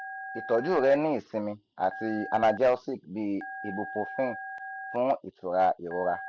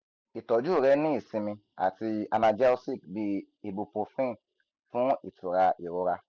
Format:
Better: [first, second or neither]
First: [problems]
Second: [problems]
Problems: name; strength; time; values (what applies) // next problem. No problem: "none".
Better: second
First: background sound (Telephone); 12 dB below the speech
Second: none